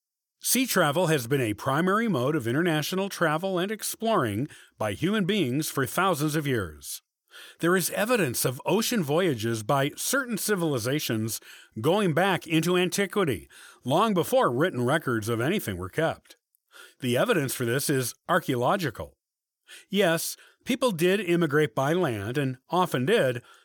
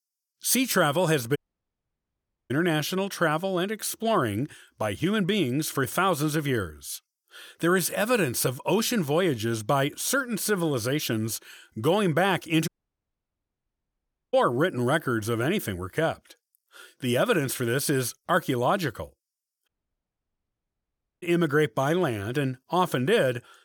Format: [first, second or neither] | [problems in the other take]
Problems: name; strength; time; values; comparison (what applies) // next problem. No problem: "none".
first | audio cutting out; at 1.5 s for 1 s, at 13 s for 1.5 s and at 20 s for 1.5 s